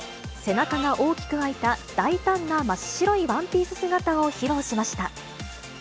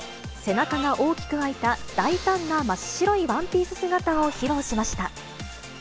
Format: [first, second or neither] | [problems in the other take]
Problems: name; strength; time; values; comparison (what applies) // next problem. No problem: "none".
first | background sound (Breathing); 15 dB below the speech